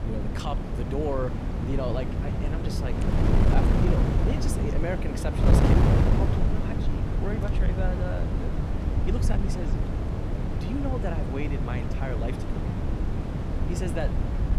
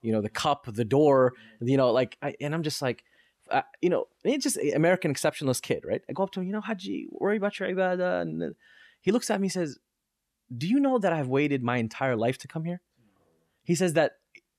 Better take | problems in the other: second | wind noise on the microphone; heavy; 1 dB above the speech

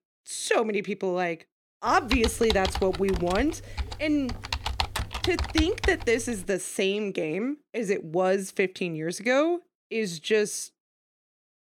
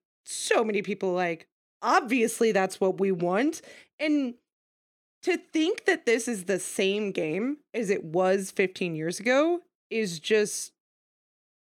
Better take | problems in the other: second | keyboard typing; noticeable; from 2 to 6.5 s; peak 2 dB below the speech

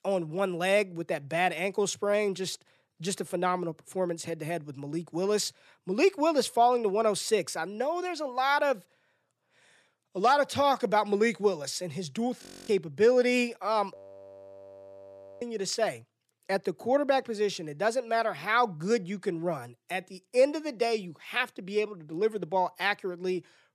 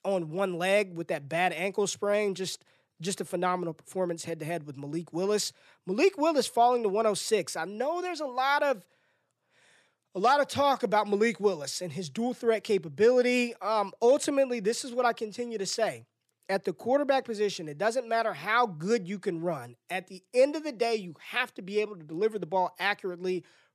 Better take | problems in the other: second | audio freezing; at 12 s and at 14 s for 1.5 s

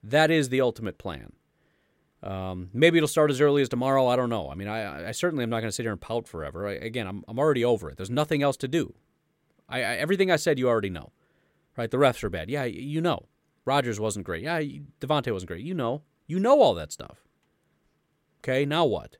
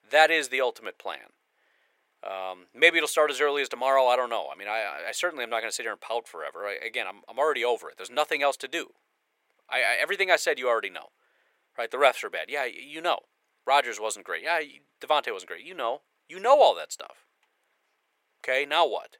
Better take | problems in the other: first | thin; very; fading below 550 Hz

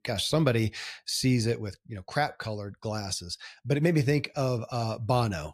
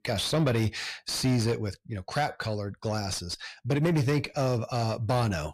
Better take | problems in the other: first | distortion; slight; 10 dB below the speech

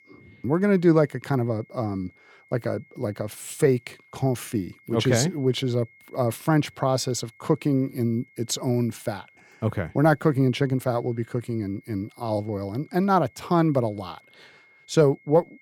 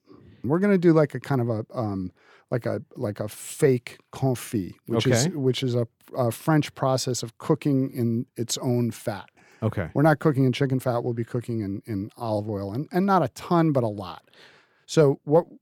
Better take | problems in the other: second | high-pitched whine; faint; throughout; 2 kHz, 30 dB below the speech

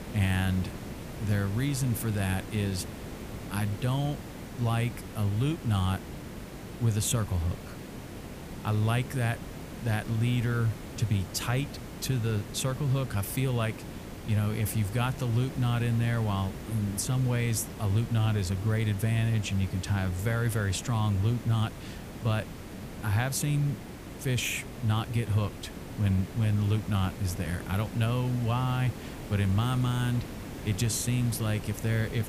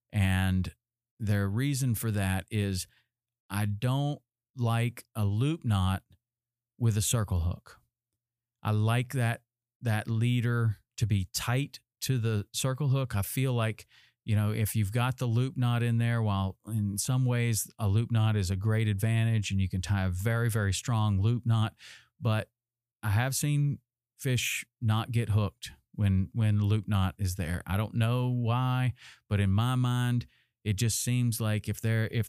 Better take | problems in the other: second | hiss; noticeable; throughout; 10 dB below the speech

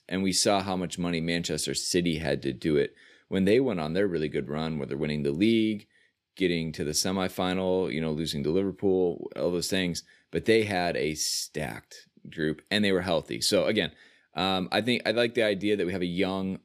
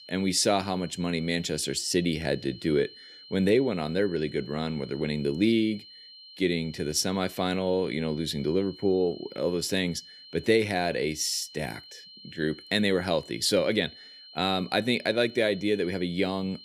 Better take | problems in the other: first | high-pitched whine; noticeable; throughout; 4 kHz, 20 dB below the speech

